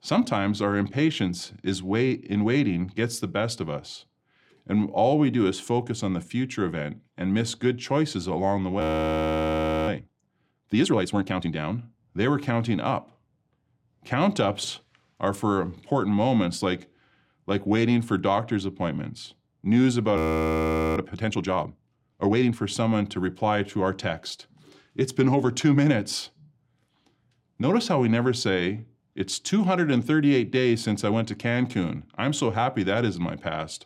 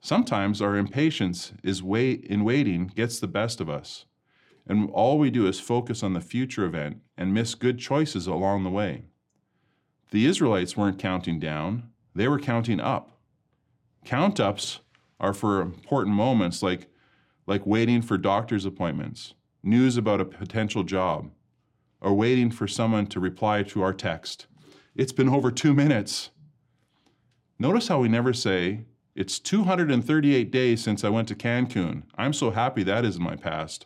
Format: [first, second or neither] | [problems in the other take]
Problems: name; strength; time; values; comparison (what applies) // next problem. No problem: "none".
second | audio freezing; at 9 s for 1 s and at 20 s for 1 s